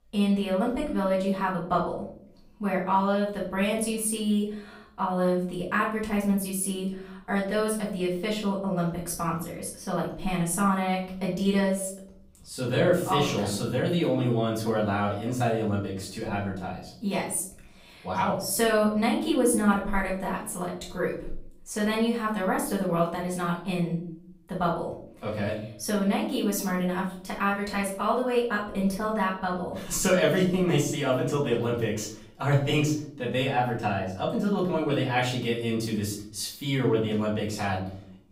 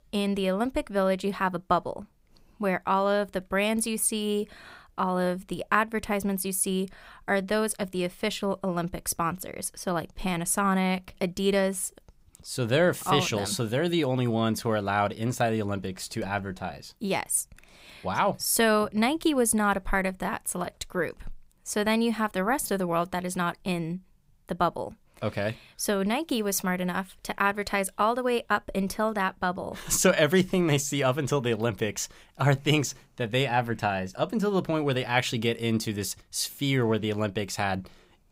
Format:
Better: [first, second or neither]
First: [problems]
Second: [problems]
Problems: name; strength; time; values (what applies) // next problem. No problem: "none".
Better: second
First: off-mic speech; far // room echo; slight; dies away in 0.6 s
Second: none